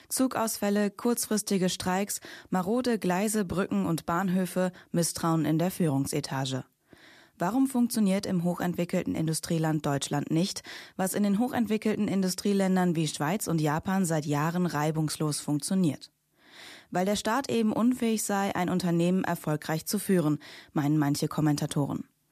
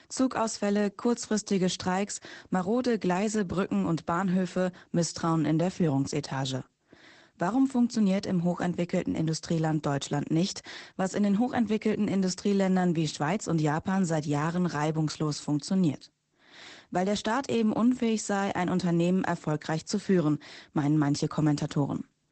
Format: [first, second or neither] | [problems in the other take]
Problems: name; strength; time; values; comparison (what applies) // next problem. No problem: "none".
first | garbled, watery; badly; nothing above 8 kHz